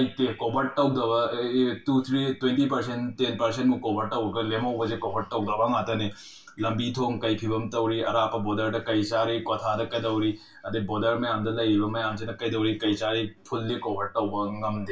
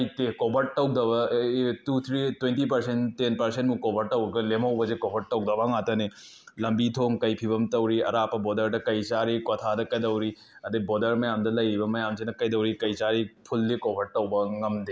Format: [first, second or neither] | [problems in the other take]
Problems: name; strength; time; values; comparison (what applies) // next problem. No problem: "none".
second | room echo; dies away in 0.2 s